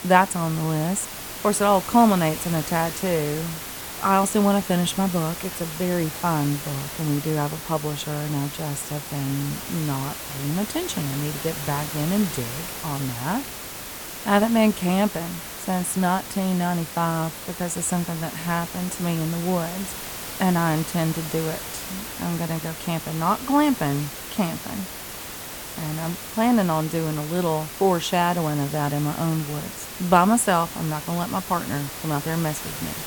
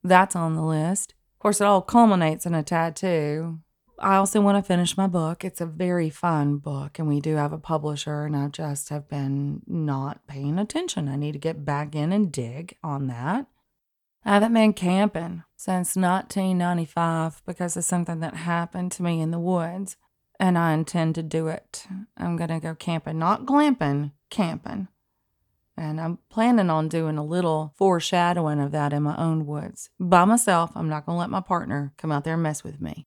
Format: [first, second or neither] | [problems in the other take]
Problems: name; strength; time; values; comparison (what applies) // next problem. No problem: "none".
second | hiss; loud; throughout; 8 dB below the speech